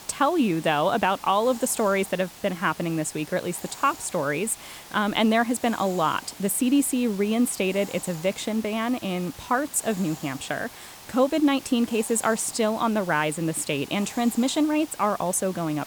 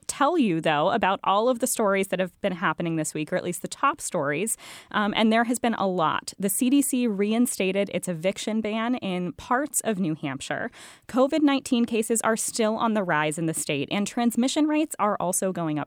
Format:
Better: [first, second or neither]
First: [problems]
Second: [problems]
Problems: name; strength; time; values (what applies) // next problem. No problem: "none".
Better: second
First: hiss; noticeable; throughout; 15 dB below the speech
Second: none